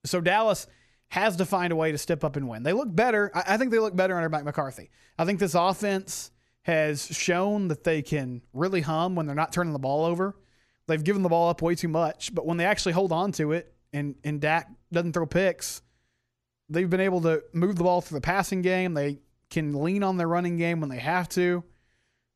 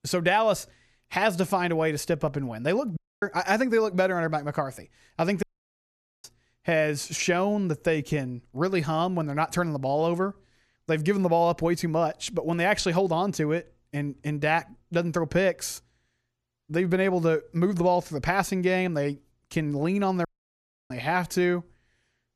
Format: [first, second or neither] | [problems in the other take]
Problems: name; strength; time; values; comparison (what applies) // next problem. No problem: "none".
first | audio cutting out; at 3 s, at 5.5 s for 1 s and at 20 s for 0.5 s